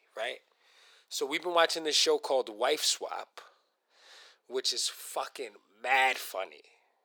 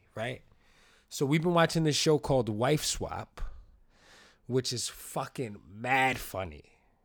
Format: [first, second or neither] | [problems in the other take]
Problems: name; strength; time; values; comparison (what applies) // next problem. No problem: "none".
second | thin; very; fading below 400 Hz